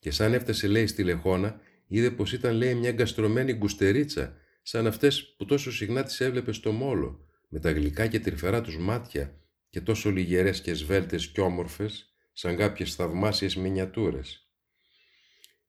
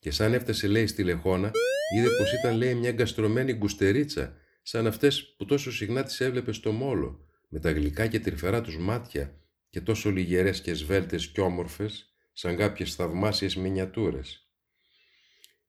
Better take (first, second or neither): first